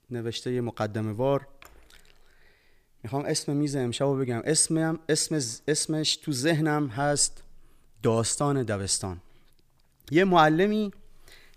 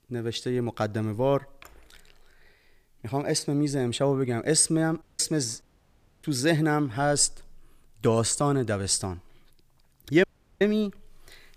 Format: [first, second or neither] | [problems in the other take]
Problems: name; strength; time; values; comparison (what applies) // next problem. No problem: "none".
first | audio cutting out; at 5 s, at 5.5 s for 0.5 s and at 10 s